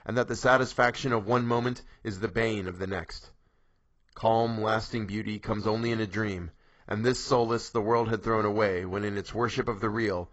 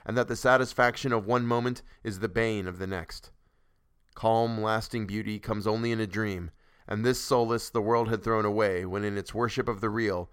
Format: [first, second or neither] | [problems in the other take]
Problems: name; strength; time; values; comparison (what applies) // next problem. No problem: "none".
second | garbled, watery; badly; nothing above 8 kHz